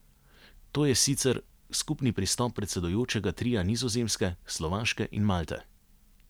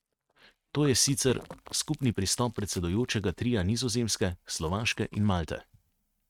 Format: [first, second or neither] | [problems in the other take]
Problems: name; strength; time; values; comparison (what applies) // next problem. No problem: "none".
first | noise reduction (neural mask model RNNoise)